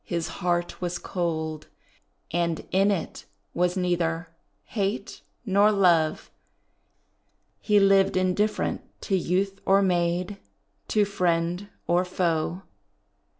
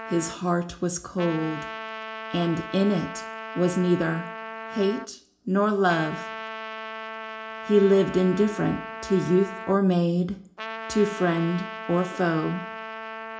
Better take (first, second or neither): first